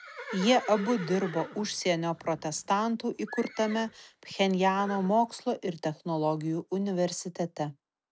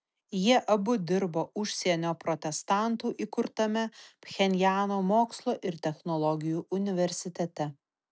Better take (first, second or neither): second